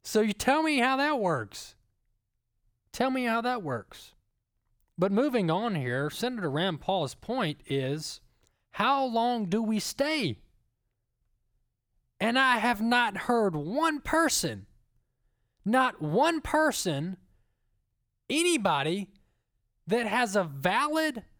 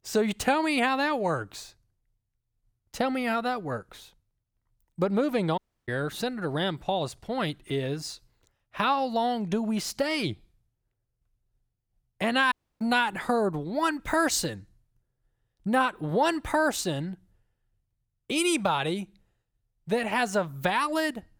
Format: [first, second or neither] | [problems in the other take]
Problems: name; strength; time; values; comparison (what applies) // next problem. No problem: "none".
first | audio cutting out; at 5.5 s and at 13 s